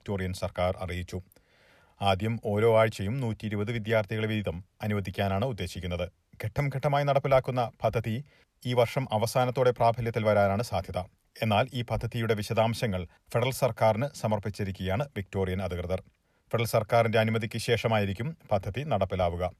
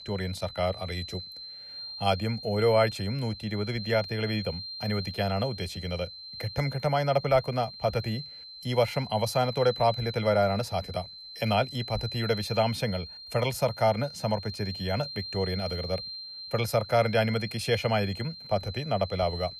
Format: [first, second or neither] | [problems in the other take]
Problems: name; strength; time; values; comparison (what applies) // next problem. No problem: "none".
first | high-pitched whine; loud; throughout; 4 kHz, 10 dB below the speech